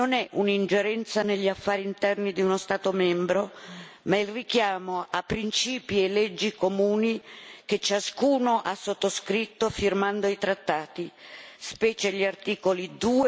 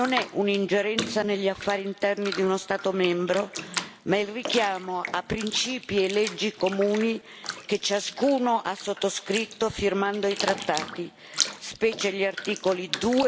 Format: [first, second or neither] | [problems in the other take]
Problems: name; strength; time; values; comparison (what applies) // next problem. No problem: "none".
first | background sound (Bathtub (filling or washing)); 10 dB below the speech